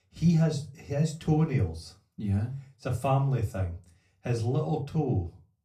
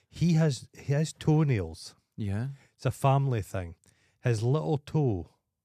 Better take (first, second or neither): second